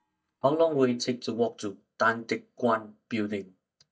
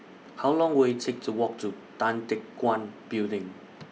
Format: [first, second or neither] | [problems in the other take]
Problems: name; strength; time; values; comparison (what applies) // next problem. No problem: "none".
second | noise reduction (neural mask model DeepFilterNet 3)